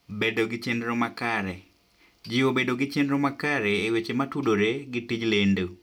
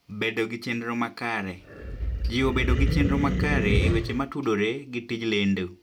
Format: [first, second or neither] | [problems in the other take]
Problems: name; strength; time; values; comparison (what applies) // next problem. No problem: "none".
first | background sound (Animal); 2 dB above the speech